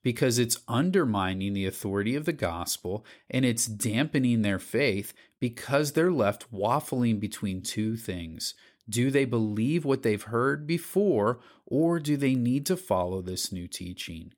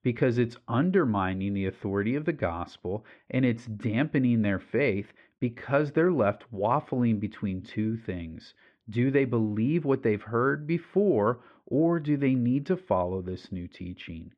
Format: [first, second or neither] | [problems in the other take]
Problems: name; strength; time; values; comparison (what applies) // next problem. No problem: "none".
first | muffled; very; fading above 2.5 kHz